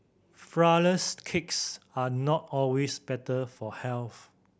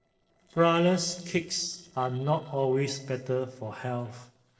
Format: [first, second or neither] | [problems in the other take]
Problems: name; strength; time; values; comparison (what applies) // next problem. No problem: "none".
first | noise reduction (neural separator model SepFormer DNS4)